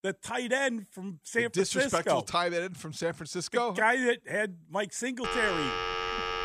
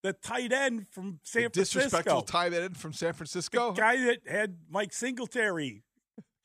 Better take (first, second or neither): second